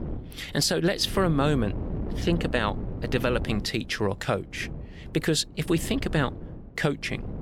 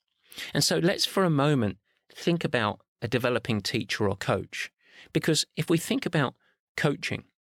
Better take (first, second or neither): second